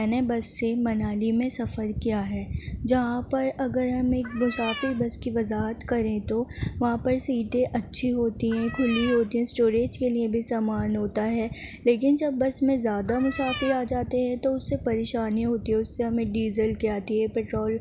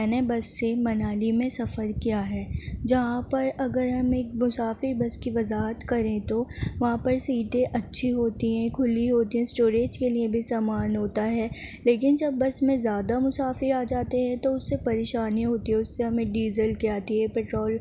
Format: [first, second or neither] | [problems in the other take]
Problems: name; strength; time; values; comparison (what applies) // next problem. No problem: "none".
second | background sound (Cat); 10 dB below the speech